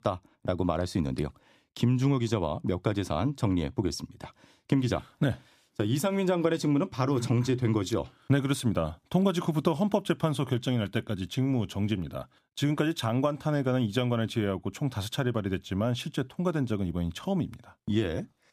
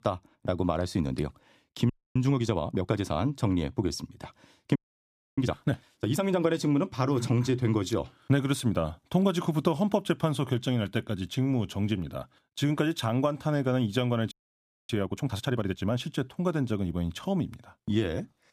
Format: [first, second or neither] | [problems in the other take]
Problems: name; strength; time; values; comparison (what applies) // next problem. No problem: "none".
first | audio freezing; at 2 s, at 5 s for 0.5 s and at 14 s for 0.5 s